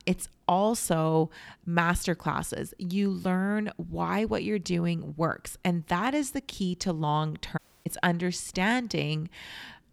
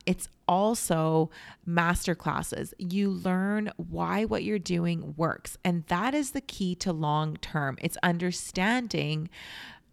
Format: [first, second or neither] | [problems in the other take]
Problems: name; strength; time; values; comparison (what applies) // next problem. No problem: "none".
second | audio cutting out; at 7.5 s